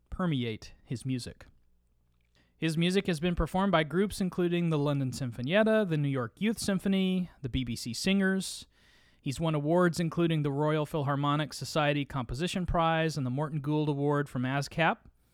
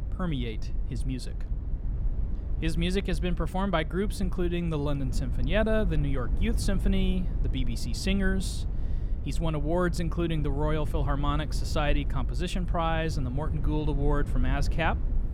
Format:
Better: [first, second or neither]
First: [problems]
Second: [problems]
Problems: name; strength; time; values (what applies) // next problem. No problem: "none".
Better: first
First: none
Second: low rumble; noticeable; throughout; 15 dB below the speech